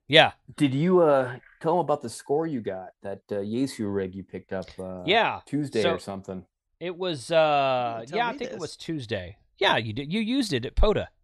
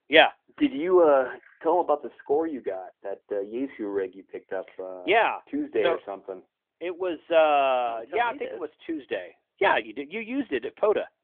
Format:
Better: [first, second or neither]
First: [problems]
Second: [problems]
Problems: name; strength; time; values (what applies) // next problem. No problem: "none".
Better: first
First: none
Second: phone-call audio; nothing above 3.5 kHz